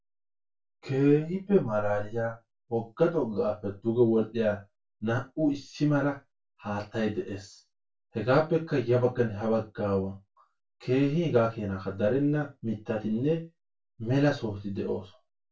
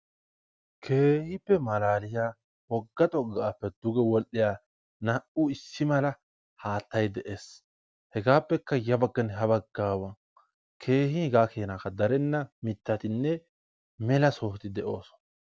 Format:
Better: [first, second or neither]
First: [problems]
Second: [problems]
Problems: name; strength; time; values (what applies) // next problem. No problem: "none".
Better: second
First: room echo; dies away in 0.2 s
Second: none